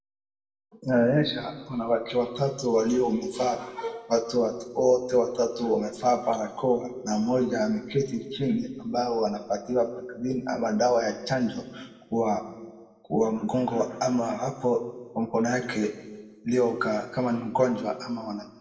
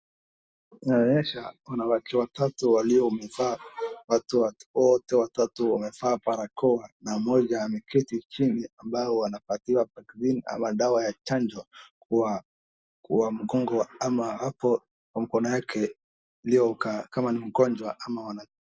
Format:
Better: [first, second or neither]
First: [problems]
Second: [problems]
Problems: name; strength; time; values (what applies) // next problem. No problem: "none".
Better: second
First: room echo; dies away in 1.2 s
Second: none